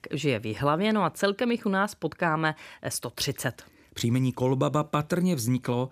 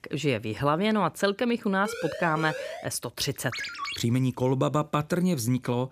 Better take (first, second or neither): first